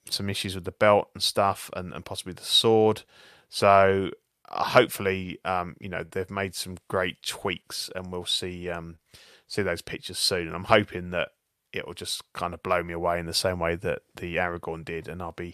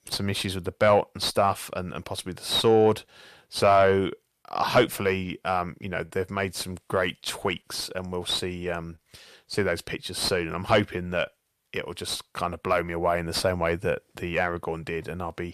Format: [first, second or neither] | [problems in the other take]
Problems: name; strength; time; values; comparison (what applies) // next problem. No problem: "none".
first | distortion; slight; 10 dB below the speech